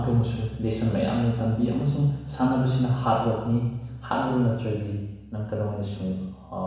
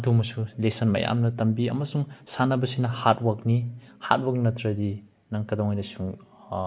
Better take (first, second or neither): second